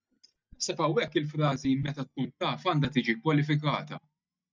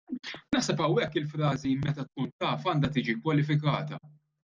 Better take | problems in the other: second | noise reduction (neural mask model DeepFilterNet 3)

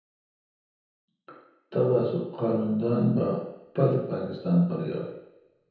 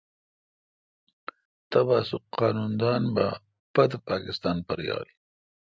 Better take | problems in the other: second | room echo; dies away in 0.9 s

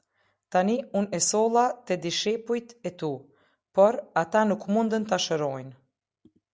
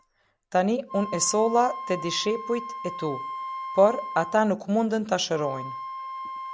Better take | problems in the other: first | background sound (Wind instrument, woodwind instrument); 10 dB below the speech

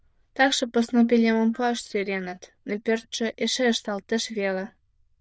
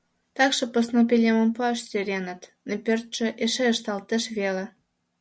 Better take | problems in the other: second | noise reduction (neural diffusion model UNIVERSE++)

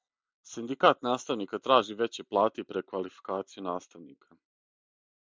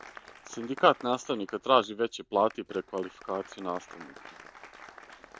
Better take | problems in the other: first | background sound (Applause); 20 dB below the speech

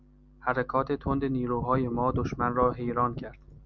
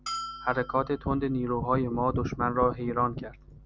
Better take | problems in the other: first | background sound (Bell); 13 dB below the speech

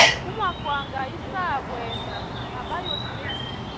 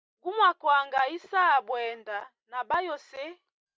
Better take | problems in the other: second | background sound (Sneeze); 5 dB above the speech

